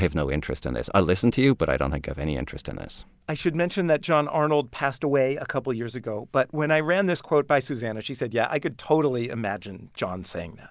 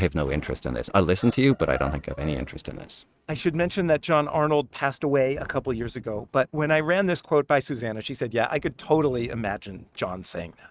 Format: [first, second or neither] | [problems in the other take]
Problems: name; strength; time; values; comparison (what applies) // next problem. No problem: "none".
first | noise reduction (neural mask model RNNoise)